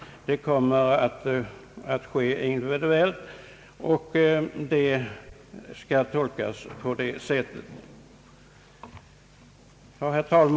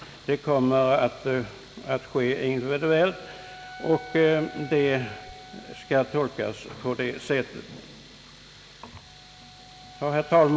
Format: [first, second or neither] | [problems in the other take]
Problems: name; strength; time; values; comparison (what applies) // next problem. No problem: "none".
first | background sound (Tools + Wind instrument, woodwind instrument); 20 dB below the speech